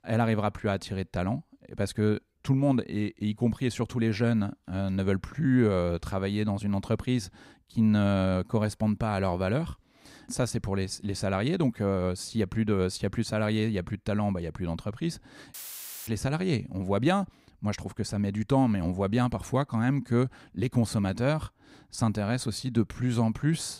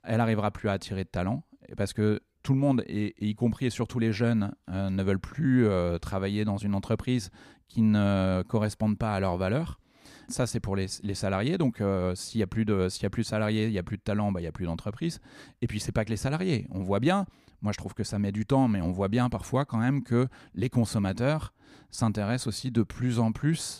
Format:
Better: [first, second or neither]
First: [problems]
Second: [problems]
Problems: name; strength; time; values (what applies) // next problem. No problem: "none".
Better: second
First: audio cutting out; filled with static; at 16 s for 0.5 s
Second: none